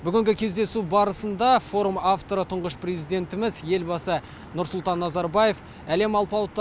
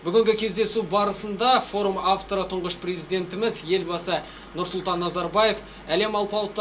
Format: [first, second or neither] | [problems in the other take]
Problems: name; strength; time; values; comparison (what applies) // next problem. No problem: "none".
first | room echo; dies away in 0.2 s